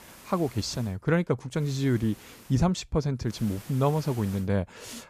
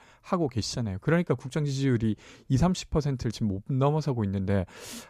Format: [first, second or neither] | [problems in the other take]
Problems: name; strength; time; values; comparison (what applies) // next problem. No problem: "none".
second | hiss; noticeable; at the start, at 1.5 s and from 3.5 to 4.5 s; 20 dB below the speech